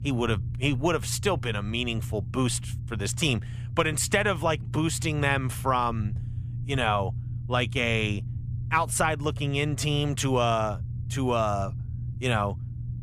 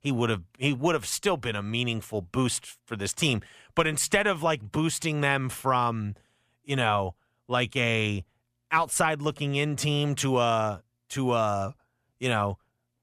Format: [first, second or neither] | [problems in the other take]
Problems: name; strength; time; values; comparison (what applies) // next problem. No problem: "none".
second | low rumble; faint; throughout; 20 dB below the speech